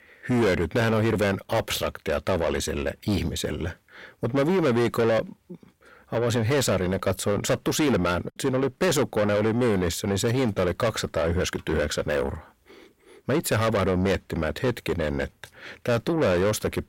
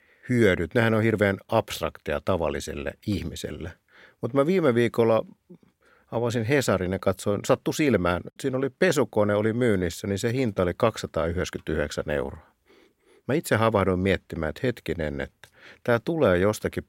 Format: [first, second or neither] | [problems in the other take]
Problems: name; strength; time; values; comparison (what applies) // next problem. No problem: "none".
second | distortion; heavy; 6 dB below the speech